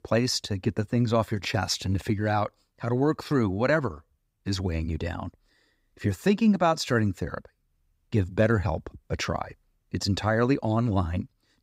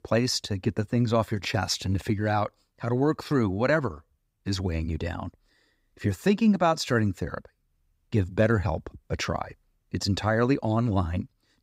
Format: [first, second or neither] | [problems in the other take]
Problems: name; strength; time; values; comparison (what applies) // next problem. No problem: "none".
neither | none